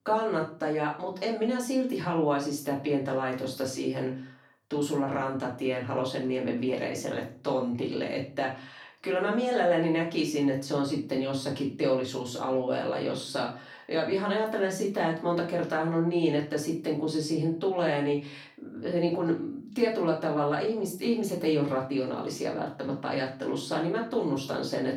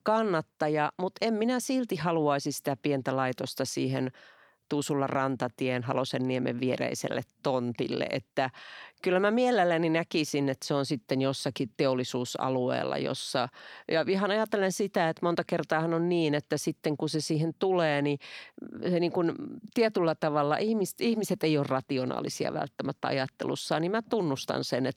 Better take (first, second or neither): second